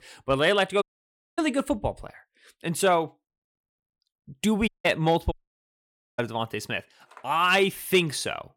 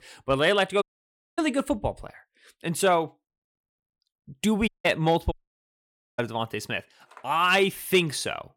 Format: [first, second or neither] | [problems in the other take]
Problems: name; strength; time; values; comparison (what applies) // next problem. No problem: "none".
neither | audio cutting out; at 1 s for 0.5 s, at 4.5 s and at 5.5 s for 1 s; the same in both